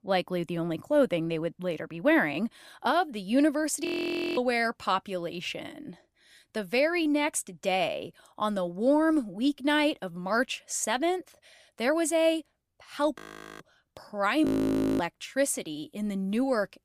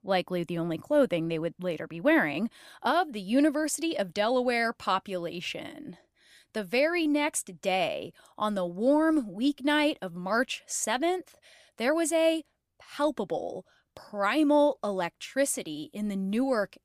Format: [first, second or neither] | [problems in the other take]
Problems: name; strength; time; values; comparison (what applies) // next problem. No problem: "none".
second | audio freezing; at 4 s for 0.5 s, at 13 s and at 14 s for 0.5 s